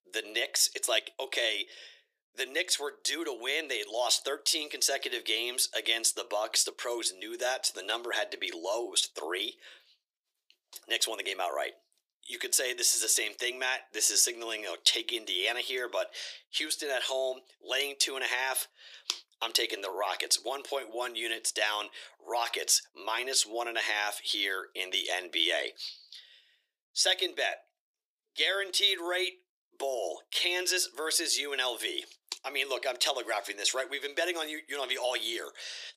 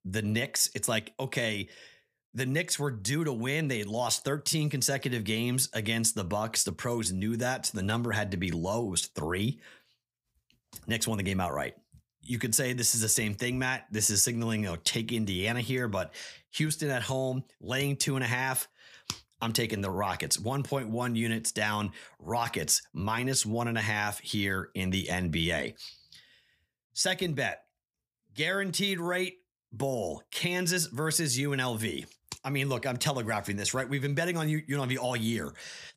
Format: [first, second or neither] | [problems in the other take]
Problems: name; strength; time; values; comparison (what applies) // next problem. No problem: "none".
second | thin; very; fading below 350 Hz